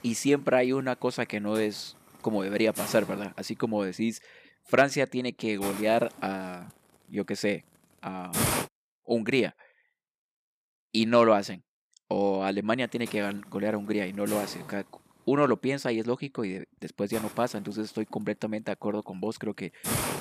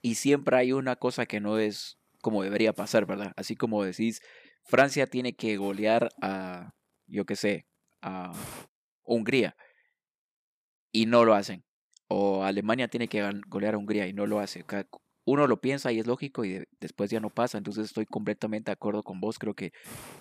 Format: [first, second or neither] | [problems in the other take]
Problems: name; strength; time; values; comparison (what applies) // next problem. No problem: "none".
second | hiss; loud; until 8.5 s and from 13 s on; 6 dB below the speech; faint in the second